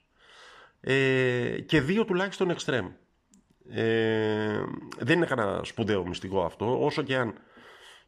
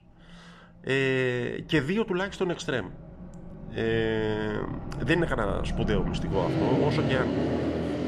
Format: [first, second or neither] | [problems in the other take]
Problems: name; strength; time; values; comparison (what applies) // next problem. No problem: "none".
first | traffic noise; loud; throughout; 2 dB below the speech